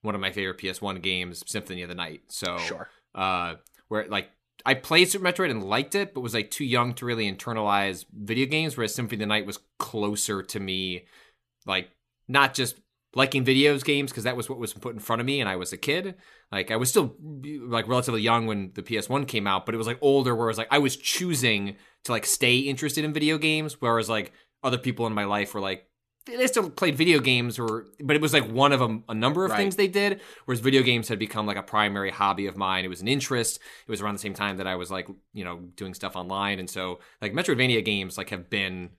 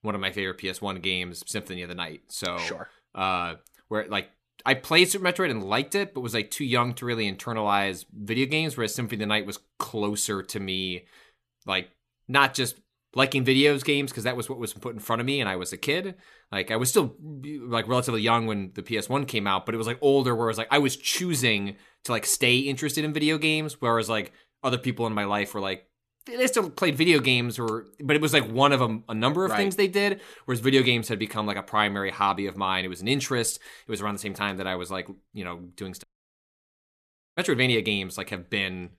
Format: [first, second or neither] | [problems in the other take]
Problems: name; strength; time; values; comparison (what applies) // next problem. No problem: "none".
first | audio cutting out; at 36 s for 1.5 s